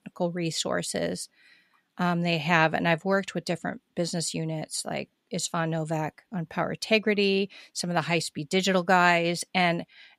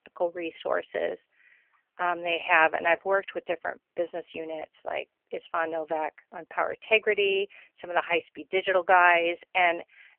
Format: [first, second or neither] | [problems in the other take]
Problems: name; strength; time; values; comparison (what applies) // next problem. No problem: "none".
first | phone-call audio; poor line; nothing above 3 kHz